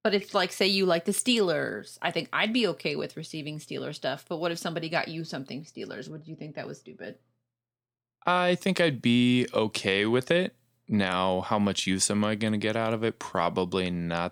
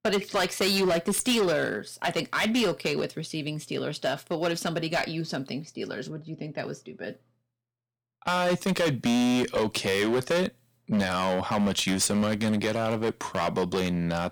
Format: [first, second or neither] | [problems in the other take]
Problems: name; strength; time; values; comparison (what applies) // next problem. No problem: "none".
first | distortion; heavy; 11% of the sound clipped